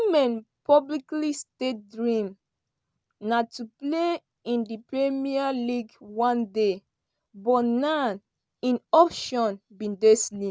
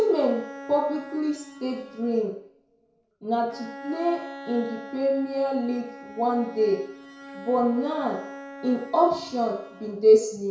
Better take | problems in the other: first | background sound (Bowed string instrument); 16 dB below the speech // room echo; dies away in 0.6 s

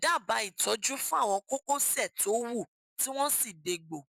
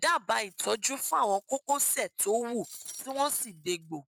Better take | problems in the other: first | noise reduction (neural mask model RNNoise)

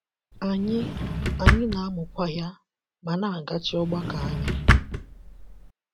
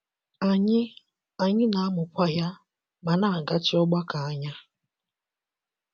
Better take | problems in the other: second | background sound (Drawer open or close); 4 dB above the speech

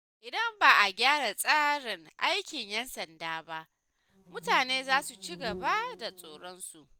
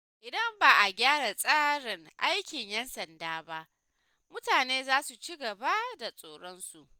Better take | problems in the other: second | background sound (Insect); 17 dB below the speech

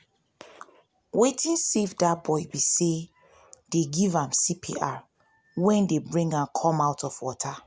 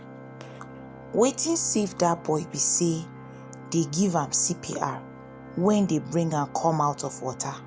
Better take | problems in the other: first | background sound (Organ); 16 dB below the speech

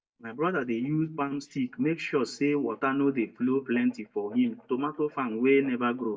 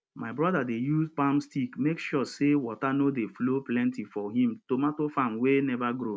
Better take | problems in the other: second | noise reduction (neural mask model DeepFilterNet 3)

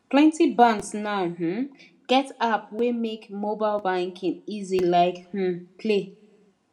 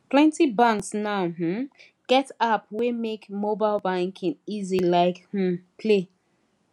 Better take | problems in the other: second | room echo; dies away in 0.3 s

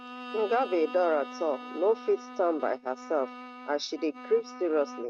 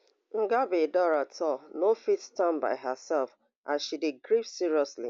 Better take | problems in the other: second | noise reduction (neural mask model RNNoise)

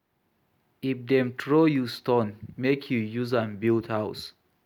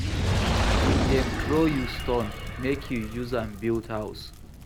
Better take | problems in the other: first | background sound (Fire); 2 dB above the speech

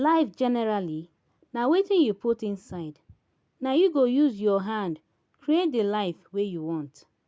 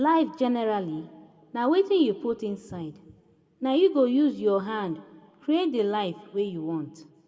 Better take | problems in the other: first | room echo; dies away in 1.6 s

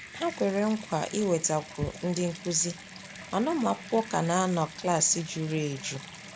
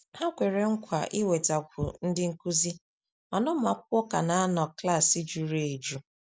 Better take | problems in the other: second | background sound (Bathtub (filling or washing) / Water tap, faucet); 15 dB below the speech

